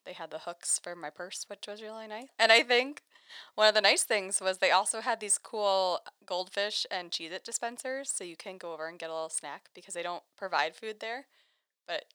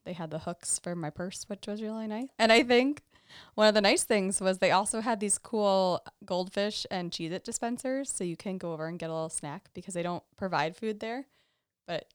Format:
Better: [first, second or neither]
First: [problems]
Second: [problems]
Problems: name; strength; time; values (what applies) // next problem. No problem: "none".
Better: second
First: thin; somewhat; fading below 550 Hz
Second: none